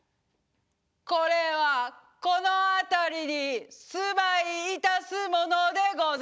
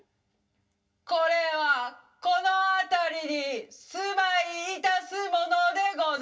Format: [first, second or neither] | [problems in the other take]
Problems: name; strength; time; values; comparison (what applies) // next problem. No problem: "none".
first | room echo; dies away in 0.2 s